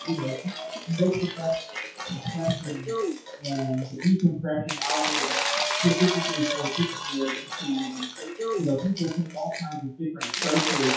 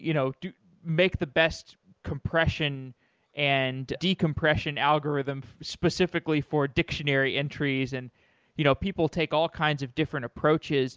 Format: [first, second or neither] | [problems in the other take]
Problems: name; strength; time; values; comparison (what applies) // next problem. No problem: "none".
second | noise reduction (classical method WPE with log-MMSE)